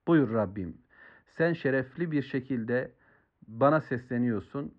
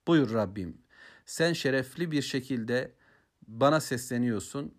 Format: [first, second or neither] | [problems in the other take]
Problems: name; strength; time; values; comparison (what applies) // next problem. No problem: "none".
second | muffled; very; fading above 2 kHz